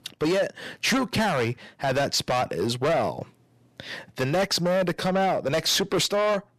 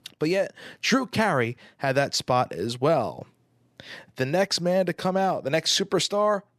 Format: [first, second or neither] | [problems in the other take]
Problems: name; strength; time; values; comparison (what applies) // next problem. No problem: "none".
second | distortion; heavy; 7 dB below the speech